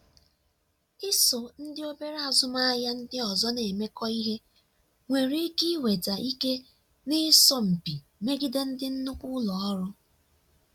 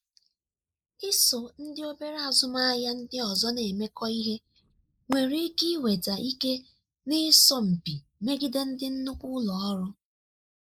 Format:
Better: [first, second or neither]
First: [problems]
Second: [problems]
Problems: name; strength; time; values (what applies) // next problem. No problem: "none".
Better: first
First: none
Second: noise reduction (neural mask model Resemble Enhance denoiser)